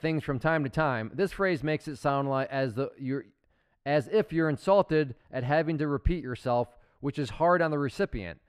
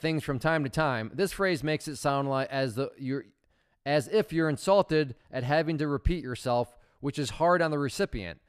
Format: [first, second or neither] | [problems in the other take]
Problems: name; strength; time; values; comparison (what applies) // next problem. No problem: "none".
second | muffled; very slightly; fading above 4 kHz